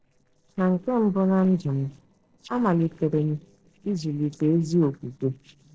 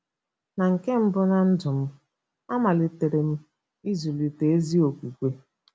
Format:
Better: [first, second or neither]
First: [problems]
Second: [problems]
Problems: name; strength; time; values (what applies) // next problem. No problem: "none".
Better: second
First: noise reduction (neural separator model SepFormer DNS4)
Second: none